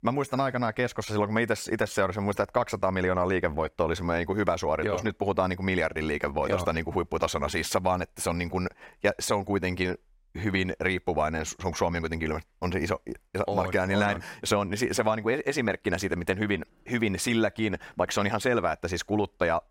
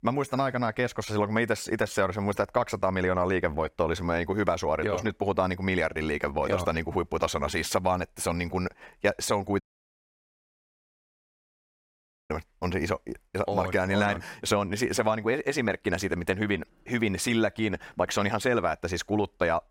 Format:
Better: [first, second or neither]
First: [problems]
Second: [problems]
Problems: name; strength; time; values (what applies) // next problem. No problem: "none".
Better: first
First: none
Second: audio cutting out; at 9.5 s for 2.5 s